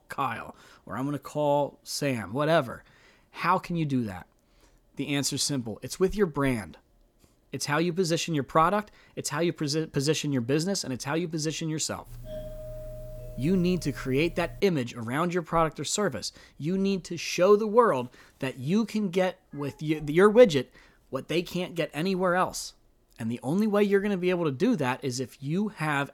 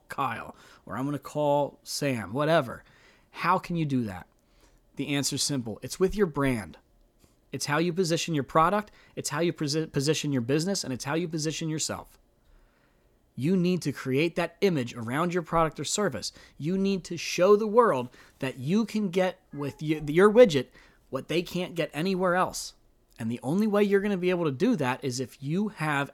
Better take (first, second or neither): second